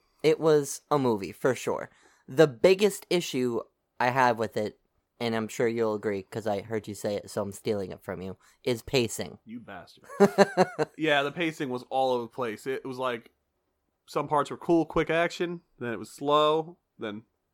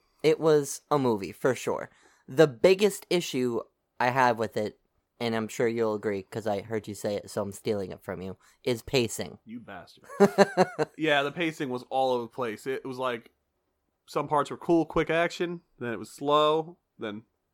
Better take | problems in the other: neither | none

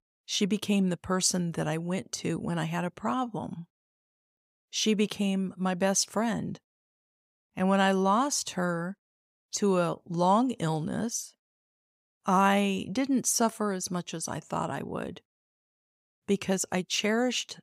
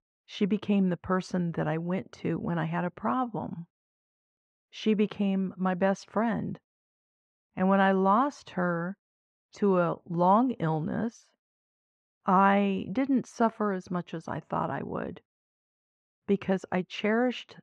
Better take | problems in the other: first | muffled; very; fading above 1.5 kHz

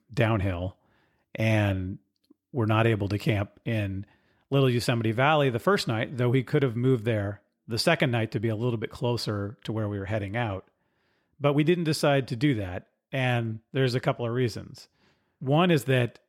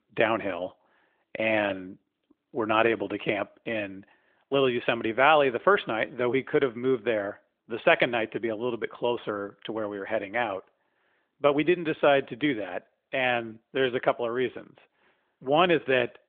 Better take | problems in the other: first | phone-call audio; nothing above 3.5 kHz

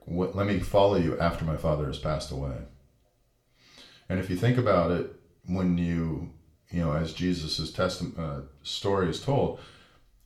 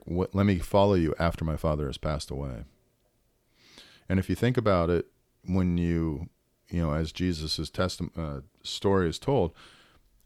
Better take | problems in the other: second | room echo; slight; dies away in 0.4 s // off-mic speech; somewhat distant

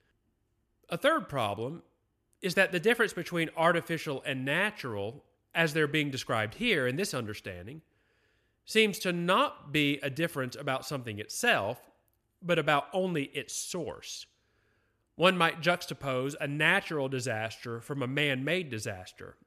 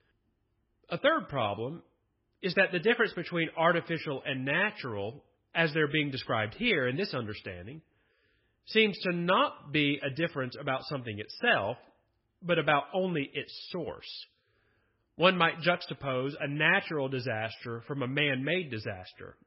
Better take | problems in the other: first | garbled, watery; badly; nothing above 5.5 kHz

